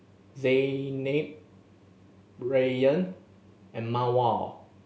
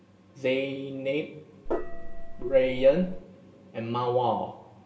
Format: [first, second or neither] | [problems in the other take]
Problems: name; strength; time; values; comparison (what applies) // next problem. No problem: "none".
first | background sound (Gong); 3 dB below the speech // room echo; dies away in 2.2 s